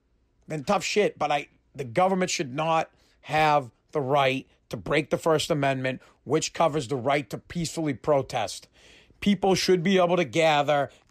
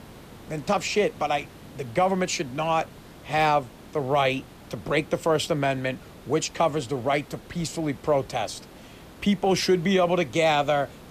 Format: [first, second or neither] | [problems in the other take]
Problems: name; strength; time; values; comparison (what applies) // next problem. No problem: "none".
first | hiss; faint; throughout; 20 dB below the speech